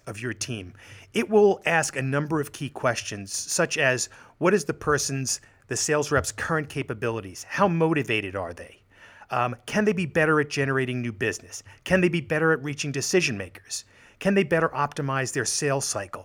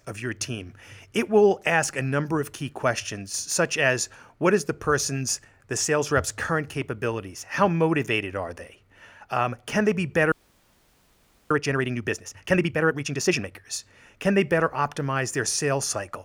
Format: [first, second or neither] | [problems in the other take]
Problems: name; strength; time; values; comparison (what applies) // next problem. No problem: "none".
first | audio freezing; at 10 s for 1 s